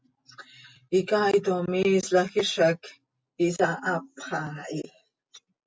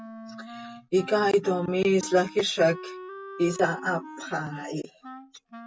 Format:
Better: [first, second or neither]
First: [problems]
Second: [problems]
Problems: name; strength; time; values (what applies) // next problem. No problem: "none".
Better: first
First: none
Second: background sound (Wind instrument, woodwind instrument); 15 dB below the speech